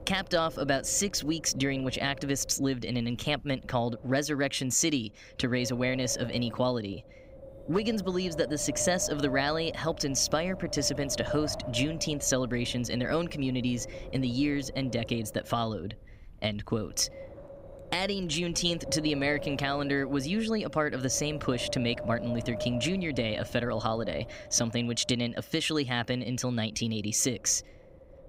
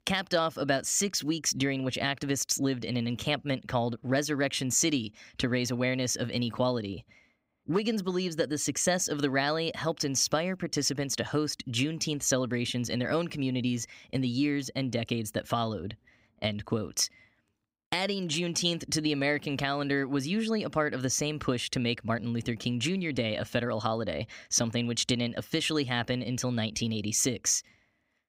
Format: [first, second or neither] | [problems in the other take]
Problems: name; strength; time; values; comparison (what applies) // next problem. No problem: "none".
second | wind noise on the microphone; occasional gusts; 10 dB below the speech